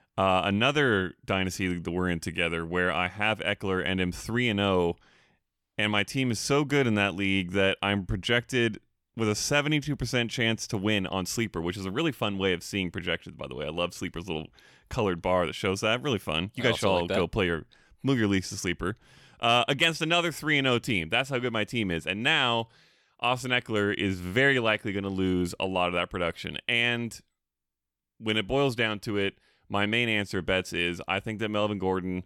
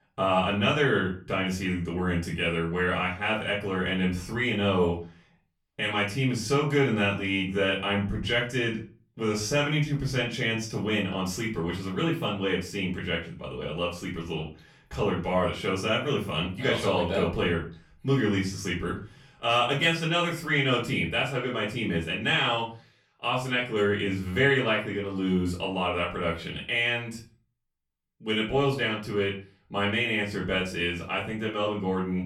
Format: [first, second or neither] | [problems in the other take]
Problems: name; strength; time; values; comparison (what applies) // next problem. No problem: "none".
first | off-mic speech; far // room echo; slight; dies away in 0.3 s